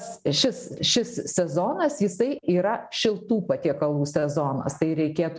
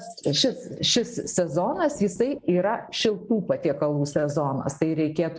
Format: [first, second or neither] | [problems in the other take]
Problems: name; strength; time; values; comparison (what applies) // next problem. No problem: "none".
first | noise reduction (neural mask model Resemble Enhance denoiser)